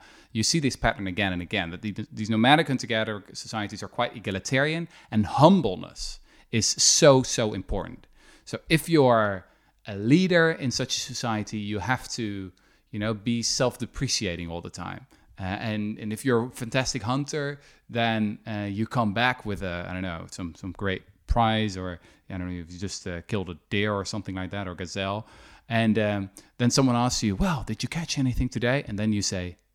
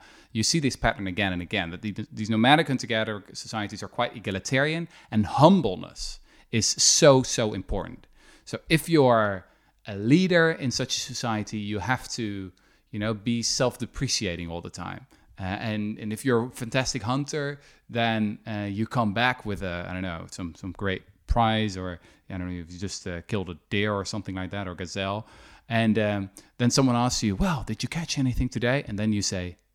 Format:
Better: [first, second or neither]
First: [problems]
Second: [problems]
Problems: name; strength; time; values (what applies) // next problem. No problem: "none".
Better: neither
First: none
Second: none